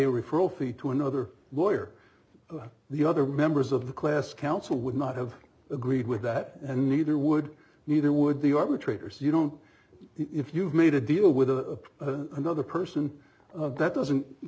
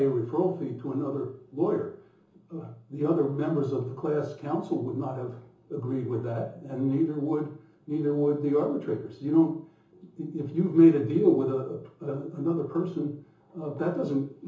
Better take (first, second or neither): first